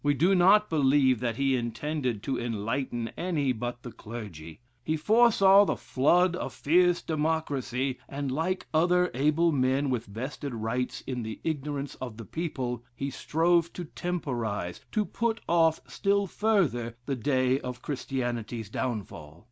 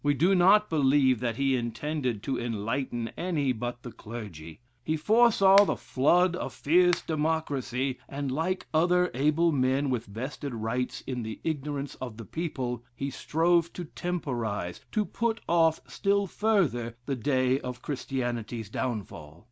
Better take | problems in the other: first | background sound (Finger snapping); 15 dB below the speech

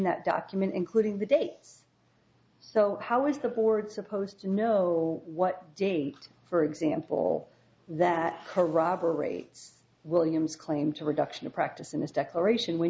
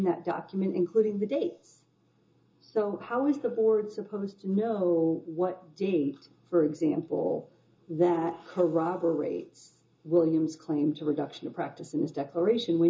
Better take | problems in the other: first | room echo; dies away in 0.2 s

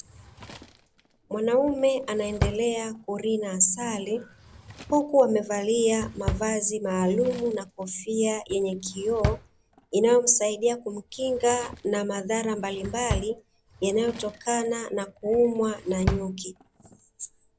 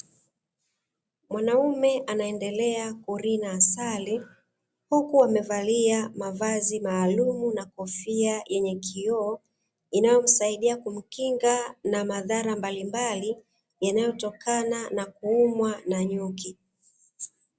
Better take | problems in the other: second | background sound (Drawer open or close); 11 dB below the speech

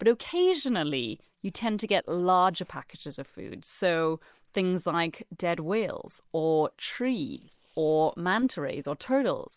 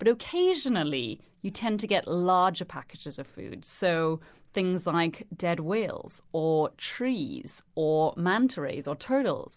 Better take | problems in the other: second | noise reduction (neural separator model SepFormer WHAM!)

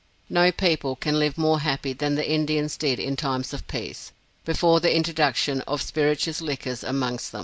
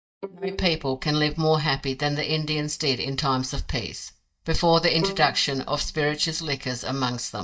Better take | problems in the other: first | noise reduction (neural mask model DeepFilterNet 3)

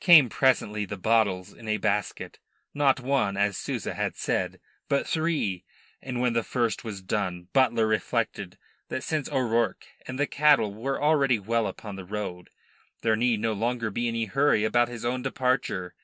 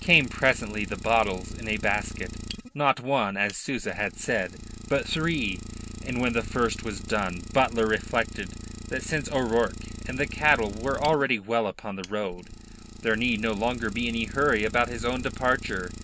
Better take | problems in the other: first | background sound (Idling); 11 dB below the speech

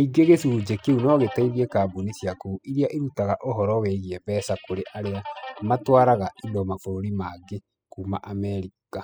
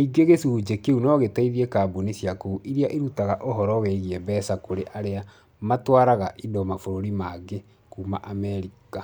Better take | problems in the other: second | noise reduction (classical method spectral subtraction)

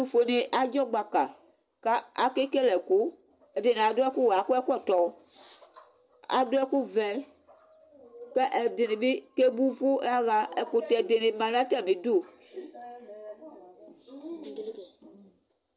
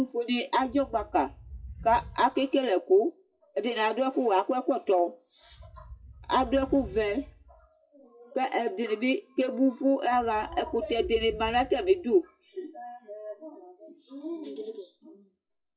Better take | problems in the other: first | noise reduction (classical method WPE with log-MMSE)

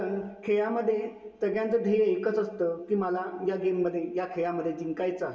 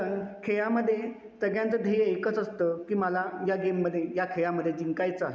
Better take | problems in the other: second | room echo; dies away in 0.2 s

